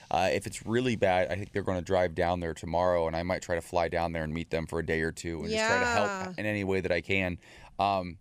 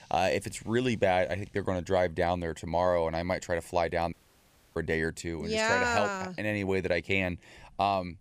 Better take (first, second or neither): first